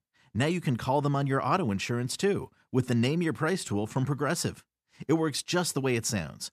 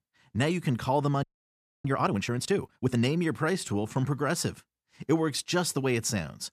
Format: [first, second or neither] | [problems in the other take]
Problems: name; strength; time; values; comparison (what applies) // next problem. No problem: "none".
first | audio freezing; at 1 s for 0.5 s